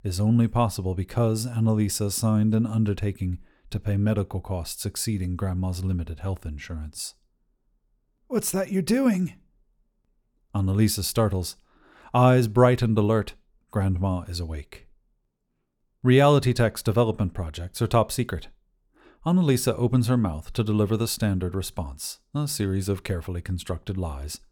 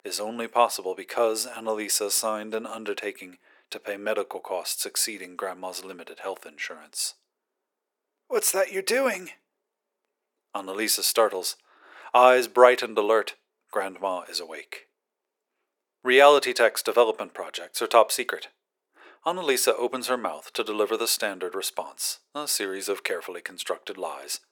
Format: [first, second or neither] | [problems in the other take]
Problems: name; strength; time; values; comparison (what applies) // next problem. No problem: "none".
first | thin; very; fading below 400 Hz